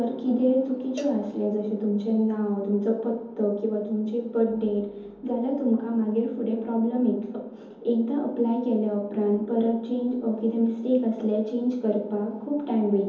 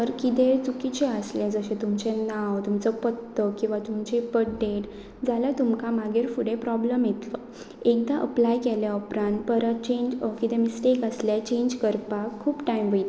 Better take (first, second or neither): second